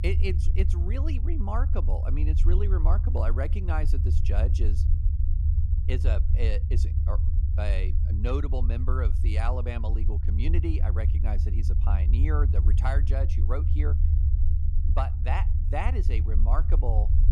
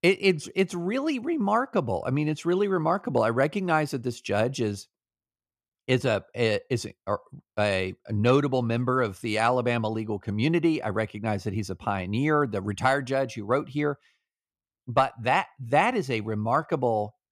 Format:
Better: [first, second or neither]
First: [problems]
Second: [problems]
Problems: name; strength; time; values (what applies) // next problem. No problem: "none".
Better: second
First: low rumble; loud; throughout; 7 dB below the speech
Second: none